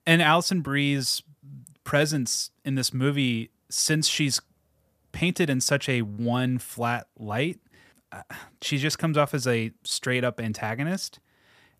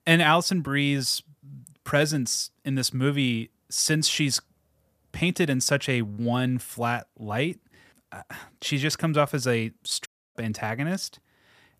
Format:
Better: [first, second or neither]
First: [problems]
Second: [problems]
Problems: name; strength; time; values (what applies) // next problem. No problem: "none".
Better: first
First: none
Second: audio cutting out; at 10 s